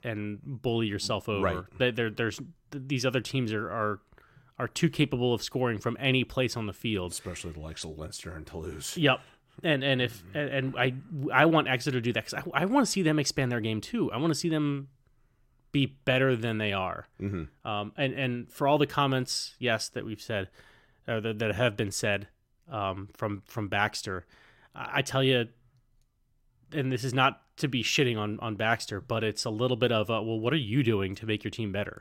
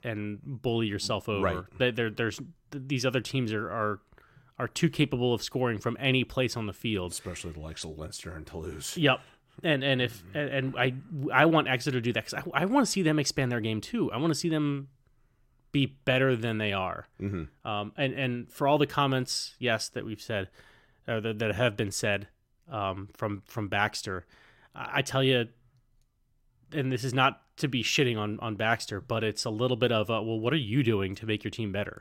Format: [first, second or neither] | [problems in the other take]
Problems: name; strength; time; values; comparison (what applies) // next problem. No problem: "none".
neither | none